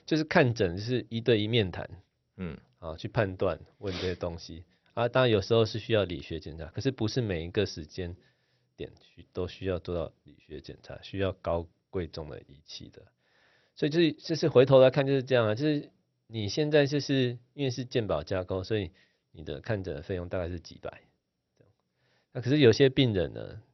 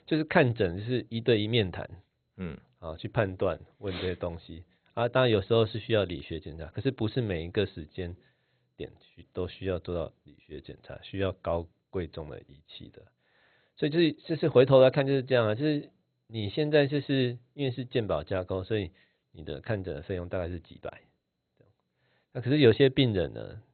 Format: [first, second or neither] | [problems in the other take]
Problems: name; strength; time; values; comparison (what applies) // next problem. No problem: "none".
first | garbled, watery; badly; nothing above 4 kHz; slightly in the first